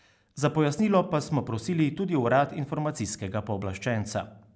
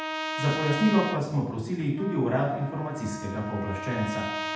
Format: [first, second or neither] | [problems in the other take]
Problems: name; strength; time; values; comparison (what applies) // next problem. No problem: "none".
first | background sound (Trumpet); 7 dB below the speech // room echo; dies away in 0.8 s